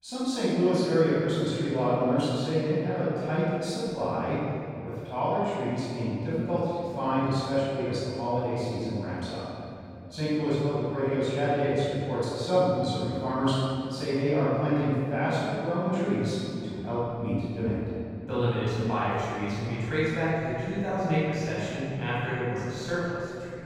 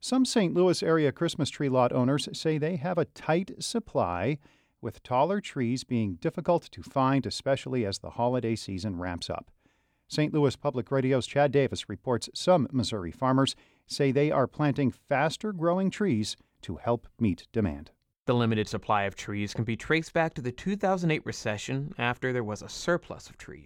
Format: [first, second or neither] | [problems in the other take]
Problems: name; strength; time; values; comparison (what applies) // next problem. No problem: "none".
second | off-mic speech; far // room echo; strong; dies away in 2.9 s